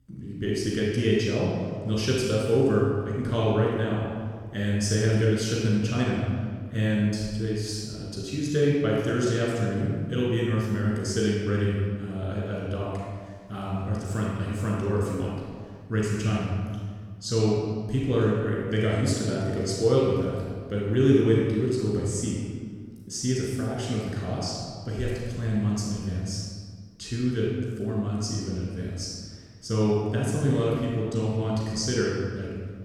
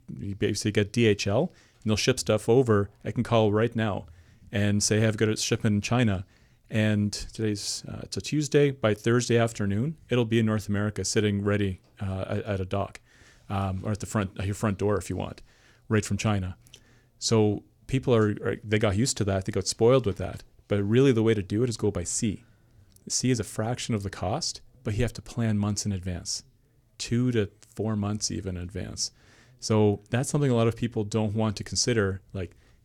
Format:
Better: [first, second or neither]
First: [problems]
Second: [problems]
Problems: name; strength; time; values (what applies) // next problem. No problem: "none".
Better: second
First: off-mic speech; far // room echo; strong; dies away in 1.6 s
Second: none